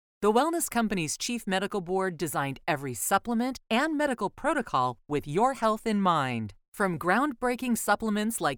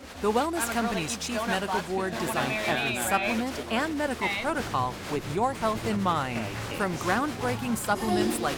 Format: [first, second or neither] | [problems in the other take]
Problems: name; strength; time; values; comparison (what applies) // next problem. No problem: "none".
first | crowd noise; loud; throughout; 3 dB below the speech